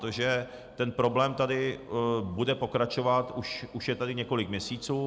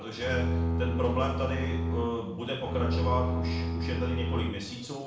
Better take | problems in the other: first | background sound (Bowed string instrument); 3 dB above the speech // room echo; dies away in 0.7 s

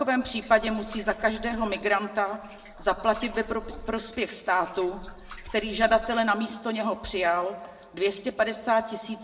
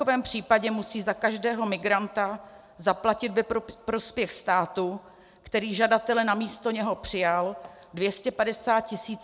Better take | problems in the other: second | background sound (Liquid); 16 dB below the speech // room echo; dies away in 0.9 s

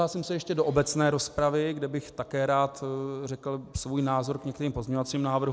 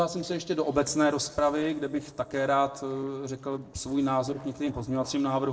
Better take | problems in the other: first | noise reduction (neural separator model SepFormer DNS4)

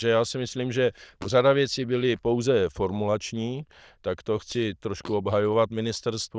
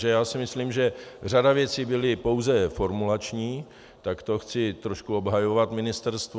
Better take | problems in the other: second | noise reduction (neural diffusion model UNIVERSE++)

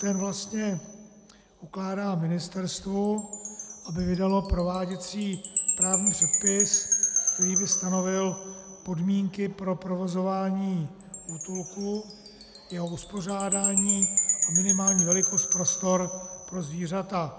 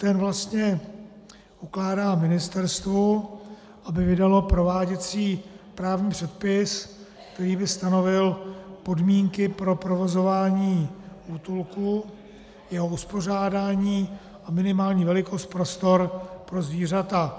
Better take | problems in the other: second | background sound (Wind chime); as loud as the speech

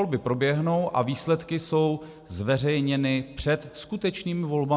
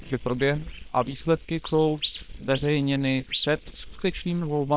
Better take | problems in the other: first | noise reduction (neural separator model SepFormer WHAM!)

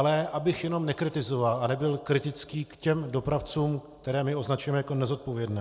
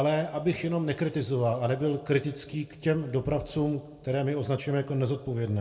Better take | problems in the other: first | room echo; dies away in 1 s

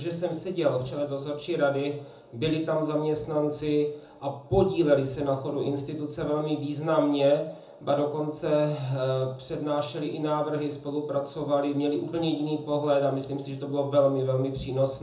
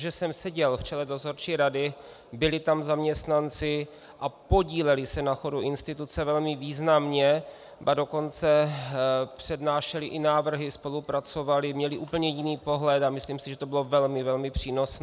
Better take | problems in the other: second | room echo; dies away in 0.6 s

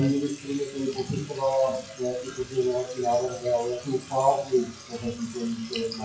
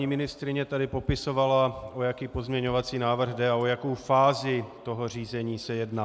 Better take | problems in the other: second | noise reduction (classical method WPE with log-MMSE)

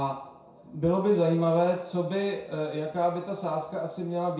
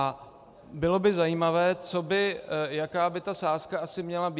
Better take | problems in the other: second | room echo; dies away in 0.6 s

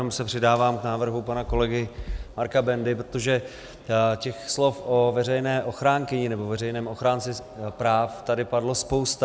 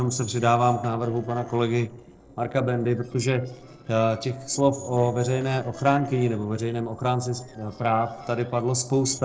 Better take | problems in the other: first | noise reduction (neural separator model SepFormer DNS4)

